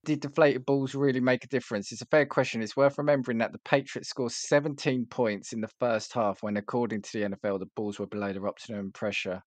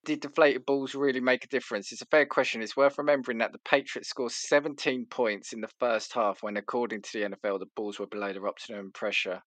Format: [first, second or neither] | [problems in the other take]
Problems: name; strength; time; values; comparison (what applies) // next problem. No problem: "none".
first | thin; very slightly; fading below 350 Hz